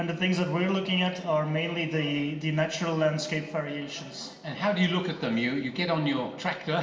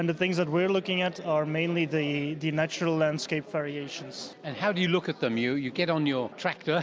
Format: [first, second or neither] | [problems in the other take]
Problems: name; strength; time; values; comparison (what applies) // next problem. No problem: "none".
second | room echo; dies away in 0.9 s